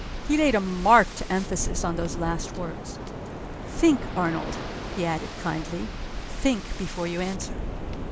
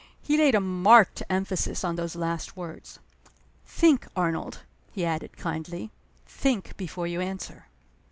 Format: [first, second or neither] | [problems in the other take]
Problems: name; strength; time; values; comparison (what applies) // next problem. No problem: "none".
second | background sound (Waves, surf); 7 dB below the speech